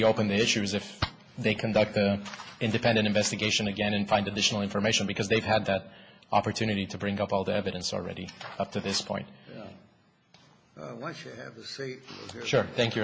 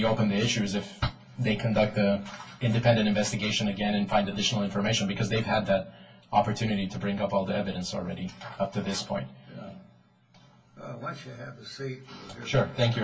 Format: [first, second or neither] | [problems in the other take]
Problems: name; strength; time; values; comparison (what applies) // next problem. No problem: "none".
first | room echo; dies away in 0.1 s